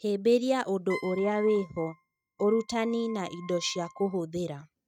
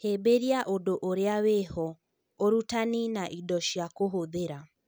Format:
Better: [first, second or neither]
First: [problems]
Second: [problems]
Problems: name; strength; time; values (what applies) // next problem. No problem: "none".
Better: second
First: noise reduction (neural mask model RNNoise)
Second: none